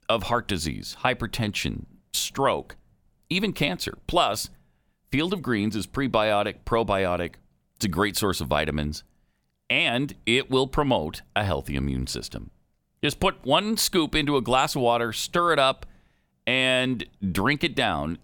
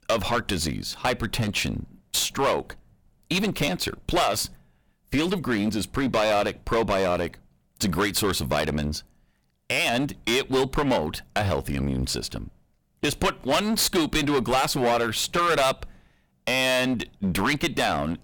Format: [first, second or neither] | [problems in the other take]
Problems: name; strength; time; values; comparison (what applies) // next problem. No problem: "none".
first | distortion; heavy; 11% of the sound clipped